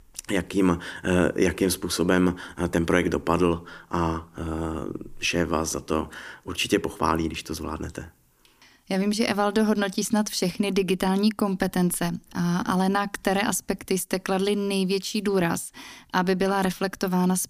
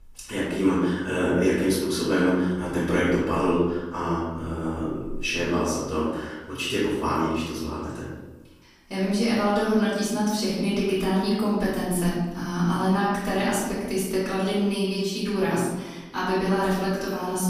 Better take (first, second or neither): first